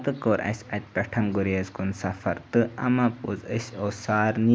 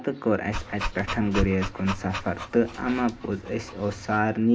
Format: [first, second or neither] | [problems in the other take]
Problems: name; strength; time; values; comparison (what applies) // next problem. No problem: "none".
first | background sound (Dog); 8 dB below the speech // room echo; dies away in 0.3 s